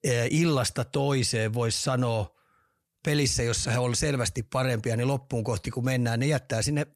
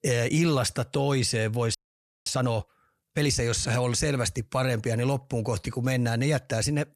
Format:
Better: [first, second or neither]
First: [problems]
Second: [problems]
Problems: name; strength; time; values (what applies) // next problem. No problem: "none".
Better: first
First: none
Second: audio freezing; at 2 s for 0.5 s